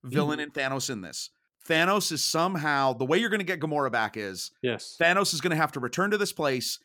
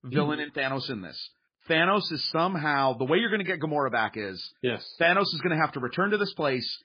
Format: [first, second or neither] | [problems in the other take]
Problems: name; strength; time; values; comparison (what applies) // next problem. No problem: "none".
first | garbled, watery; badly; nothing above 4.5 kHz